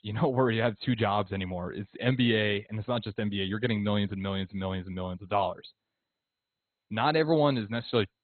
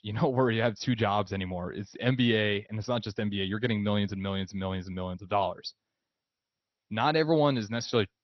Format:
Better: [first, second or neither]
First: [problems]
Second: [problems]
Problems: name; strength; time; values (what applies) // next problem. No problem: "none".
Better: second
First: garbled, watery; badly; nothing above 4 kHz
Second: garbled, watery; slightly; nothing above 6 kHz